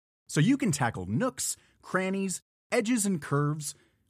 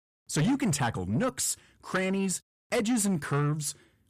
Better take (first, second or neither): first